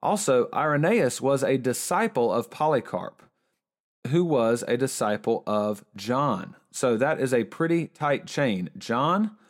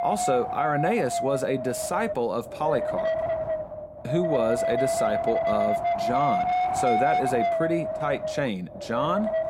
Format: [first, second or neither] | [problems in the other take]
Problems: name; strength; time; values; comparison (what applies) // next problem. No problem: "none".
first | wind noise on the microphone; heavy; 3 dB above the speech